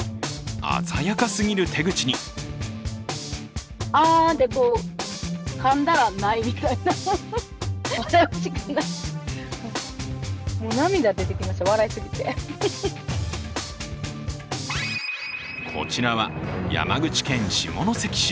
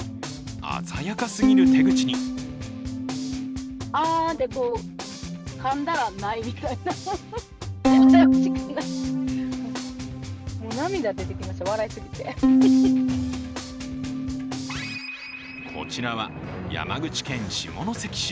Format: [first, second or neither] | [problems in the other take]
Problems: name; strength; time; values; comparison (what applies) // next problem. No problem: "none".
first | background sound (Bowed string instrument); 5 dB above the speech